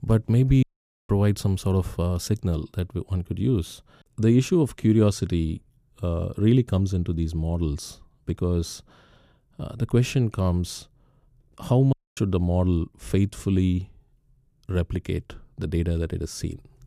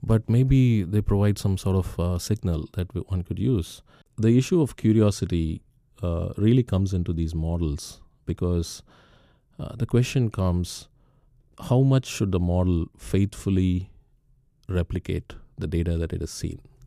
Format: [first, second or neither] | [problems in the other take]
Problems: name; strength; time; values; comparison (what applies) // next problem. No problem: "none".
second | audio cutting out; at 0.5 s and at 12 s